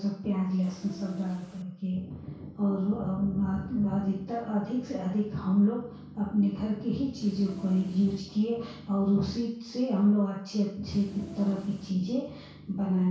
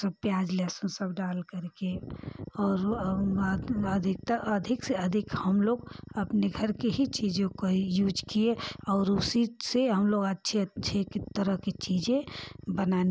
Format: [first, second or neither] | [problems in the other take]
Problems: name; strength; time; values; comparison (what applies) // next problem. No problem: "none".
second | background sound (Train); 19 dB below the speech // room echo; dies away in 0.6 s